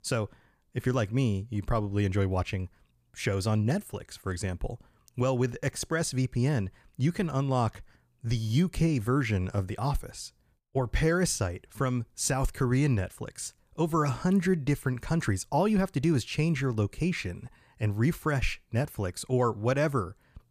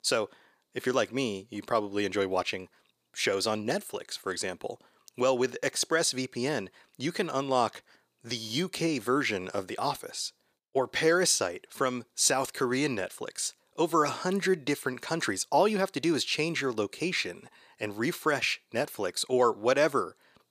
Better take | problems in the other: first | thin; somewhat; fading below 400 Hz

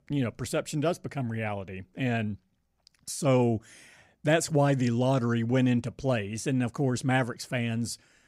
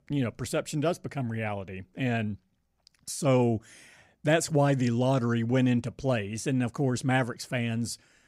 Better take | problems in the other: neither | none

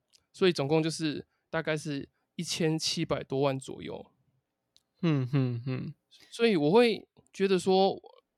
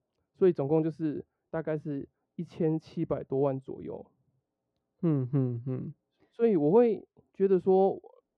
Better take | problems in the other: first | muffled; very; fading above 2.5 kHz

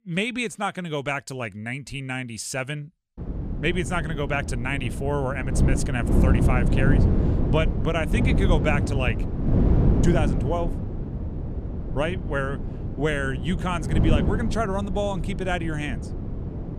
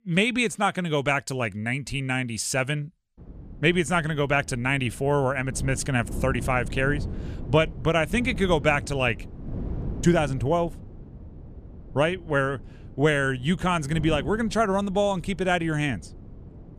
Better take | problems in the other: second | wind noise on the microphone; heavy; from 3 s on; 6 dB below the speech; occasional gusts in the second

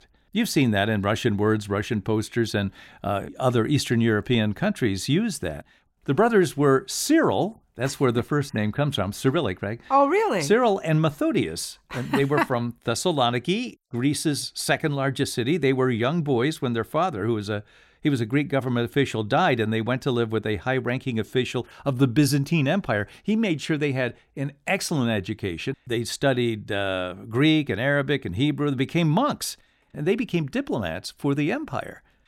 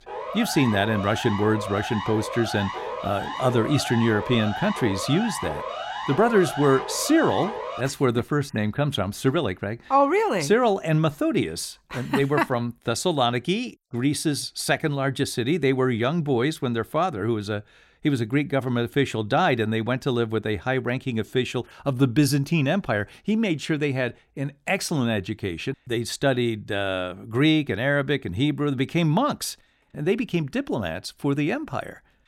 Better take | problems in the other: first | siren; noticeable; until 8 s; peak 7 dB below the speech

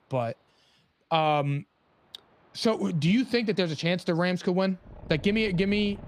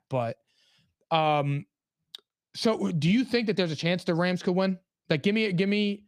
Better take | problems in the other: second | train or aircraft noise; faint; throughout; 25 dB below the speech

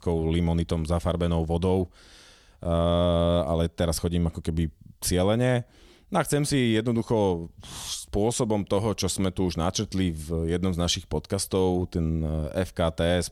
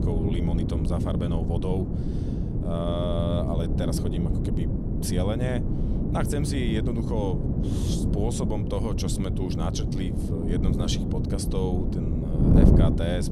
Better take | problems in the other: first | wind noise on the microphone; heavy; 1 dB below the speech

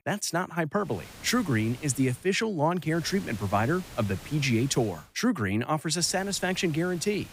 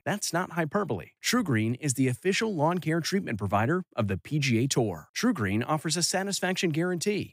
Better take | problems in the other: second | hiss; noticeable; from 1 to 2 s, from 3 to 5 s and from 6 s on; 20 dB below the speech

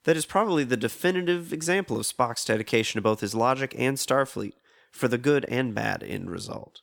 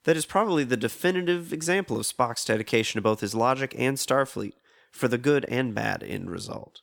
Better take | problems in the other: neither | none

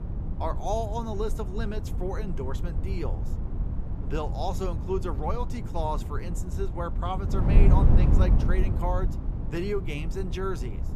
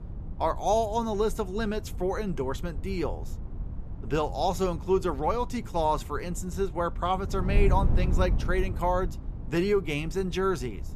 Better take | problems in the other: second | wind noise on the microphone; heavy; 7 dB below the speech; occasional gusts in the second

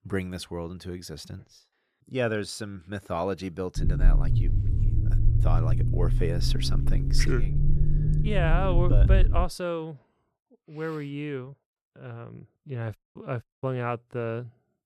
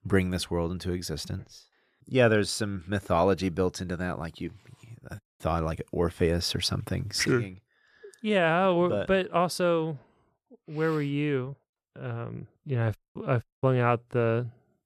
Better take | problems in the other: second | low rumble; loud; from 4 to 9.5 s; 7 dB below the speech

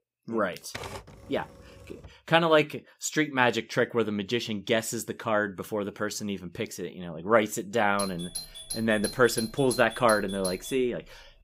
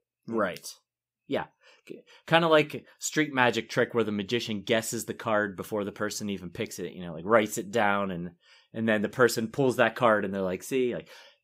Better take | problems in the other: second | keyboard typing; faint; from 0.5 to 2 s; peak 10 dB below the speech // doorbell; noticeable; from 8 s on; peak 7 dB below the speech

